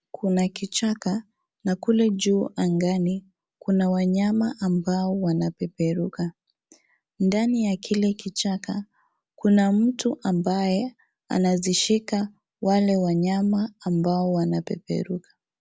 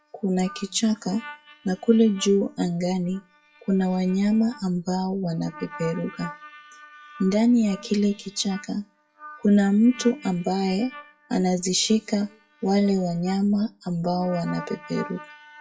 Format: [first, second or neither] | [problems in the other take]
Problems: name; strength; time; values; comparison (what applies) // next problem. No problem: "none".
first | noise reduction (classical method WPE with log-MMSE)